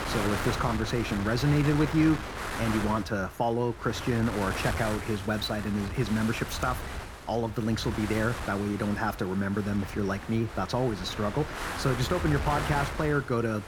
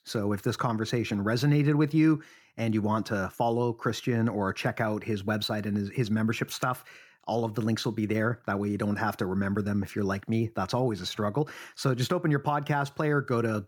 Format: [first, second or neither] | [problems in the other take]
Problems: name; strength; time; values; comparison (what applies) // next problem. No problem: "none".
second | wind noise on the microphone; heavy; 5 dB below the speech